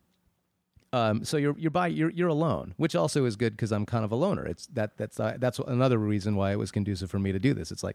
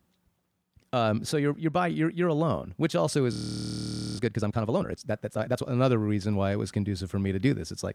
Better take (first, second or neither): first